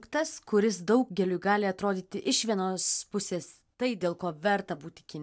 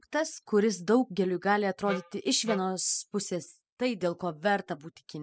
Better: first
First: none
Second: noise reduction (classical method spectral subtraction)

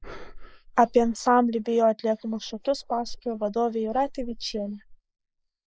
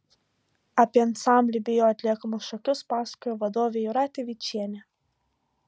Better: second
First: noise reduction (neural mask model Resemble Enhance denoiser)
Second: none

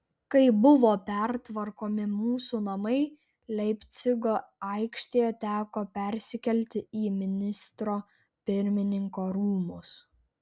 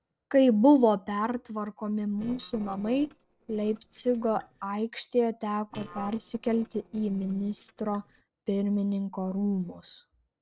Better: first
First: none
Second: noise reduction (neural separator model SepFormer DNS4)

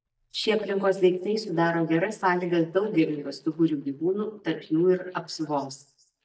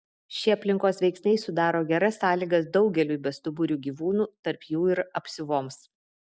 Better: second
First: noise reduction (neural mask model DeepFilterNet 3)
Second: none

